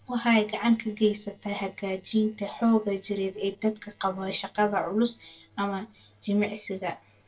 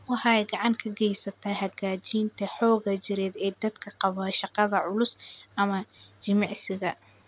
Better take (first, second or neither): second